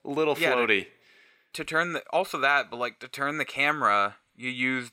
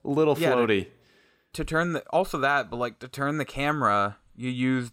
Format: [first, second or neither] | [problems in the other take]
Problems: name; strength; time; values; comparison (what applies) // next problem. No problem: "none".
second | thin; very slightly; fading below 450 Hz